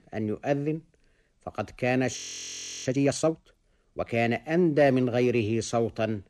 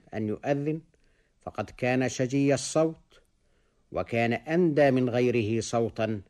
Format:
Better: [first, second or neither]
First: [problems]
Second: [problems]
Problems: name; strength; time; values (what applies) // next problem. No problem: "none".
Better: second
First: audio freezing; at 2 s for 0.5 s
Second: none